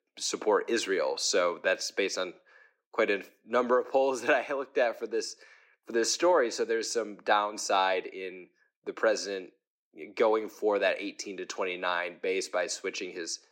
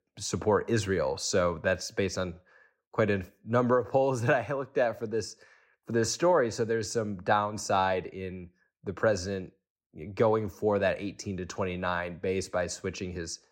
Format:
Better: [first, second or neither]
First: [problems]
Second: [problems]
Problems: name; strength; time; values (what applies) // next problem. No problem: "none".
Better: second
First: thin; somewhat; fading below 300 Hz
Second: none